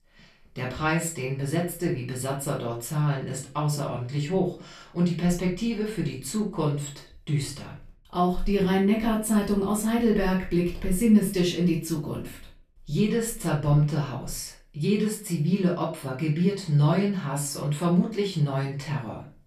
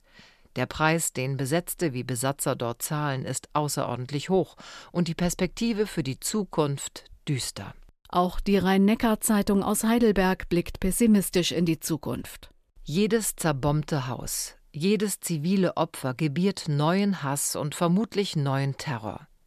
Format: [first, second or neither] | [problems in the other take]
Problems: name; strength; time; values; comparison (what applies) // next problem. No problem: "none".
second | off-mic speech; far // room echo; slight; dies away in 0.3 s